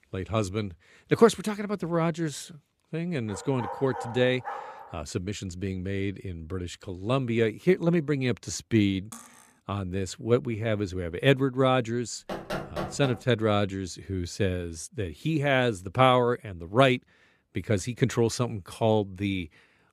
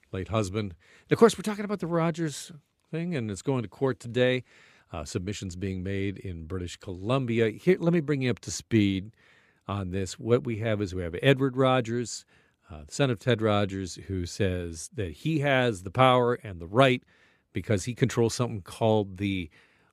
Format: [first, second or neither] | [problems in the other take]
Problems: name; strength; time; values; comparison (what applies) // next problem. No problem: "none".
second | dog barking; noticeable; from 3.5 to 5 s; peak 9 dB below the speech // clattering dishes; faint; at 9 s; peak 20 dB below the speech // door banging; noticeable; at 12 s; peak 6 dB below the speech